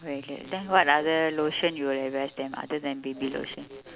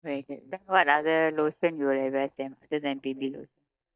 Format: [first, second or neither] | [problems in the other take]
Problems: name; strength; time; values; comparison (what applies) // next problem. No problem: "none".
first | noise reduction (neural mask model DeepFilterNet 3)